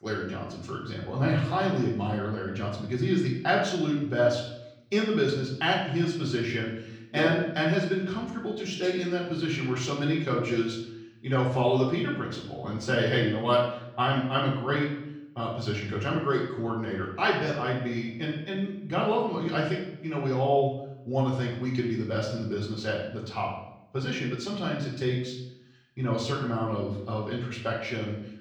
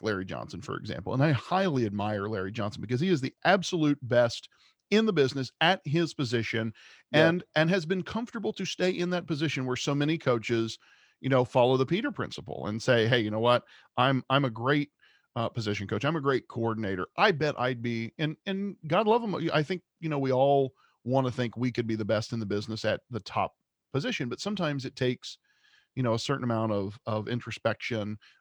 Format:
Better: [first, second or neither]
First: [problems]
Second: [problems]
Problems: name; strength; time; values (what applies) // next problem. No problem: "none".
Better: second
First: room echo; noticeable; dies away in 0.7 s // off-mic speech; far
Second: none